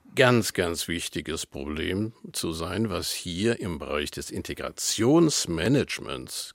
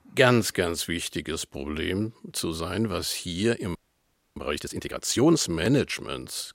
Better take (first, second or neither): first